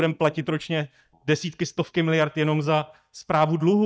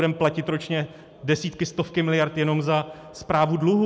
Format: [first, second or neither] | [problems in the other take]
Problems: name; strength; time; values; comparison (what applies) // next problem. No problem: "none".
second | noise reduction (neural mask model DeepFilterNet 3)